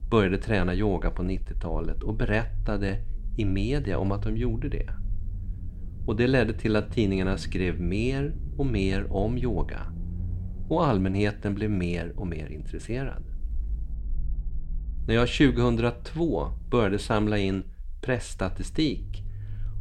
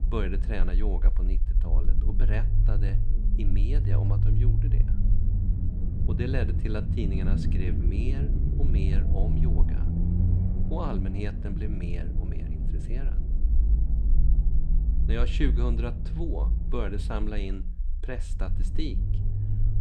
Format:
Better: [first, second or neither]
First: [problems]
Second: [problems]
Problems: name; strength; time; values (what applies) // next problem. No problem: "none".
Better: first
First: low rumble; faint; throughout; 25 dB below the speech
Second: low rumble; loud; throughout; 4 dB below the speech